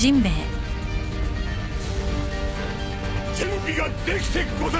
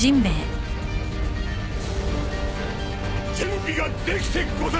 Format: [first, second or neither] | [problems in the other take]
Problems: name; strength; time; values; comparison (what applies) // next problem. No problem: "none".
first | background sound (Thunder / Rain); 14 dB below the speech